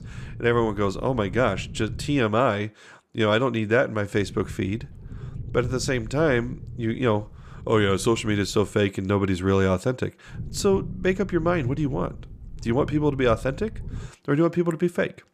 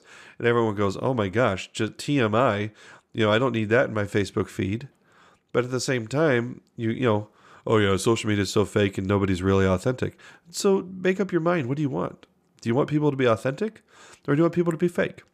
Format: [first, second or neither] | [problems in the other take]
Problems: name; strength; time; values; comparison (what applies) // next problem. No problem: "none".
second | low rumble; faint; until 2 s, from 4 to 8.5 s and from 10 to 14 s; 25 dB below the speech